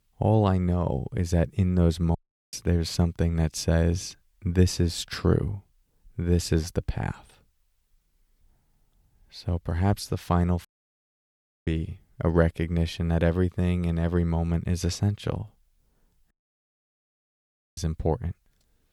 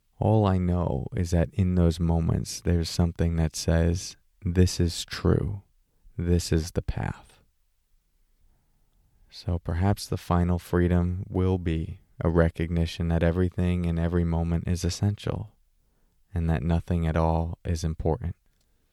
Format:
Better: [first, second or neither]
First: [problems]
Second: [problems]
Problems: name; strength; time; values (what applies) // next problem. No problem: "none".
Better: second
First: audio cutting out; at 2 s, at 11 s for 1 s and at 16 s for 1.5 s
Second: none